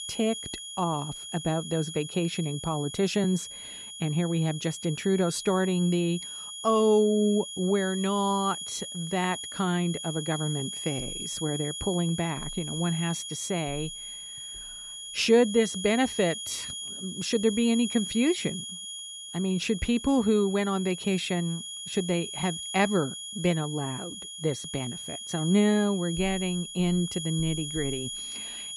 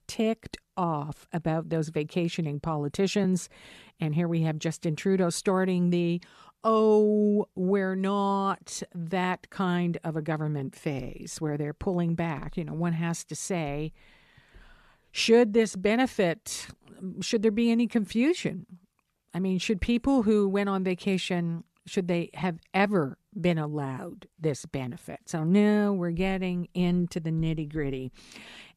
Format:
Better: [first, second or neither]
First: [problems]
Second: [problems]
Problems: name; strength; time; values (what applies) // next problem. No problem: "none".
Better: second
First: high-pitched whine; loud; throughout; 3.5 kHz, 8 dB below the speech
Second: none